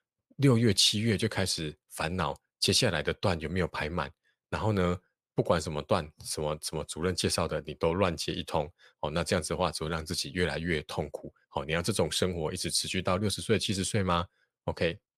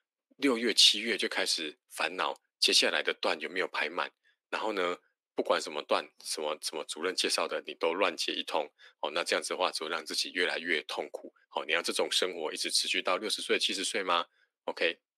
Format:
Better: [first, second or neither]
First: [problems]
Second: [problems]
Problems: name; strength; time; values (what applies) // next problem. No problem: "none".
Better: first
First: none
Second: thin; somewhat; fading below 250 Hz